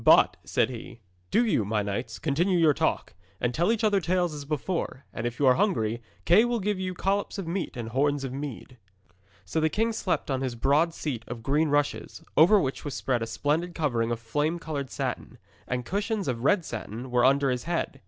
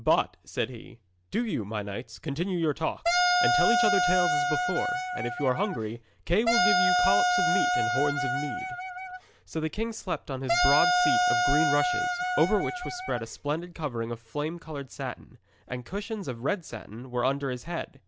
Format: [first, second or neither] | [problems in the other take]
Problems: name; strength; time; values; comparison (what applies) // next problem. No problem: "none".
first | background sound (Wind instrument, woodwind instrument); 4 dB above the speech